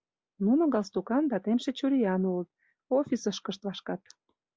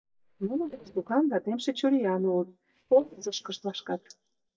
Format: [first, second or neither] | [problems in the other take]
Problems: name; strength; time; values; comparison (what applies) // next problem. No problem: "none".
first | noise reduction (neural mask model DeepFilterNet 3)